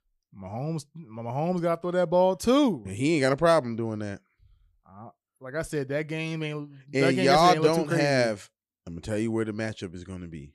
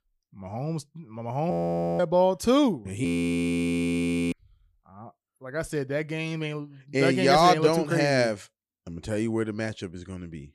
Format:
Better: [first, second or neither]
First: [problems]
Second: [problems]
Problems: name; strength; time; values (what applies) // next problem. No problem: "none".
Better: first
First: none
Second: audio freezing; at 1.5 s and at 3 s for 1.5 s